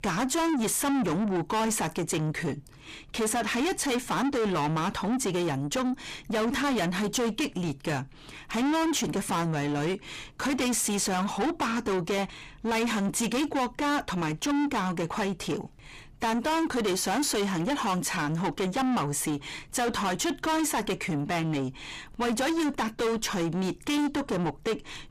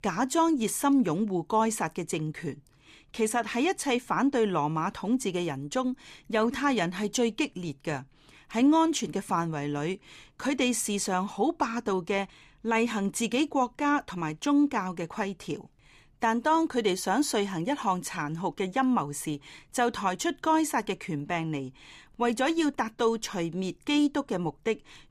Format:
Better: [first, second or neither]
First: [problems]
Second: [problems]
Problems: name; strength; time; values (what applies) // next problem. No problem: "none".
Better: second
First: distortion; heavy; 6 dB below the speech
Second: none